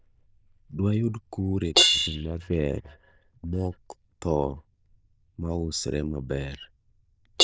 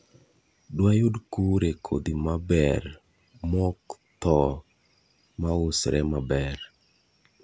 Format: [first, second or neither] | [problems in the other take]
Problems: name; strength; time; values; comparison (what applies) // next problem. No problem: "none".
second | noise reduction (neural diffusion model UNIVERSE++)